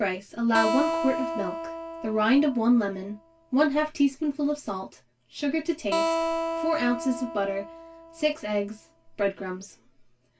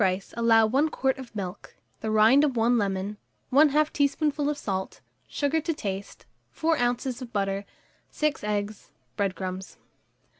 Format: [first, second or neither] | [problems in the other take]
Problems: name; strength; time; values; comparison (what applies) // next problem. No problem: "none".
second | background sound (Acoustic guitar); 5 dB below the speech // room echo; dies away in 0.1 s